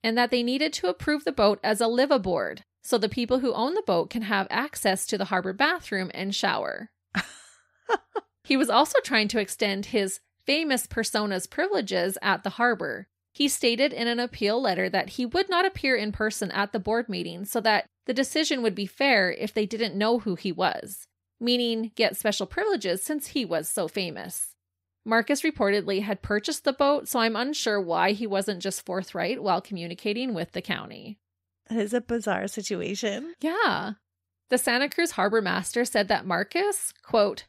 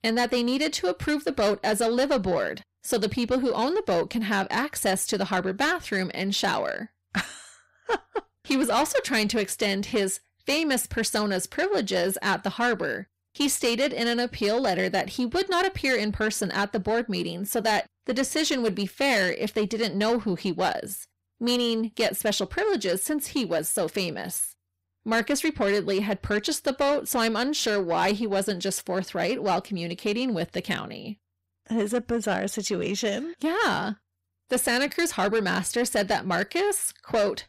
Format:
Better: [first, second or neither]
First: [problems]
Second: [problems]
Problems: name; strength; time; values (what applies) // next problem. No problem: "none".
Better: first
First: none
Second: distortion; slight; 10 dB below the speech